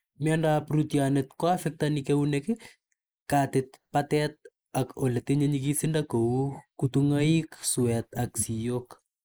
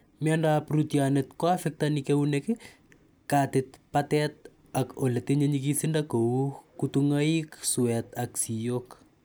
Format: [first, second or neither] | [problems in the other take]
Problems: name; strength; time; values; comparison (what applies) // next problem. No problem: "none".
second | noise reduction (neural mask model Resemble Enhance denoiser)